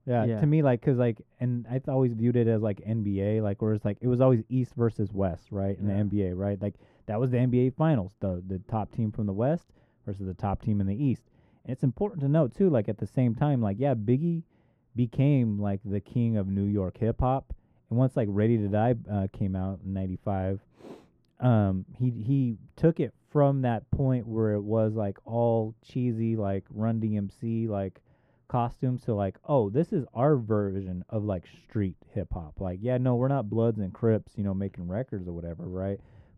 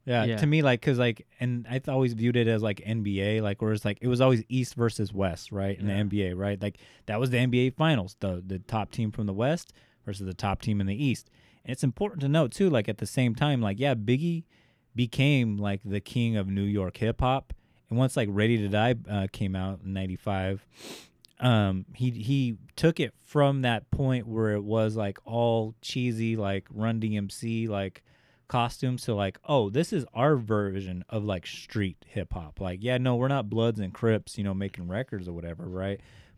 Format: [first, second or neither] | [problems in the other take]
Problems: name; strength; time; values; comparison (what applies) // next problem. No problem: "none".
second | muffled; very; fading above 2 kHz